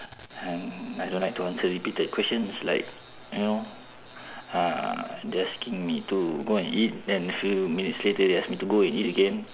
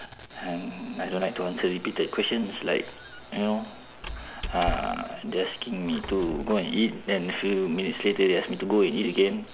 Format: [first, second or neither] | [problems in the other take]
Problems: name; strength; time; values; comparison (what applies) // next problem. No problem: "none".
first | background sound (Squeak); 14 dB below the speech